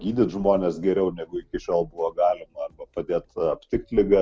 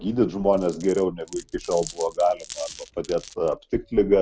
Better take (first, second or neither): first